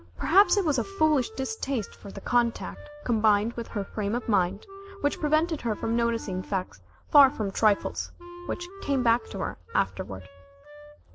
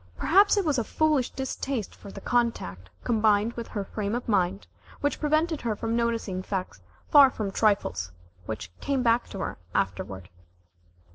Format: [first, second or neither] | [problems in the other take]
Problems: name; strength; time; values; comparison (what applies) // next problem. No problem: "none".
second | background sound (Wind instrument, woodwind instrument); 17 dB below the speech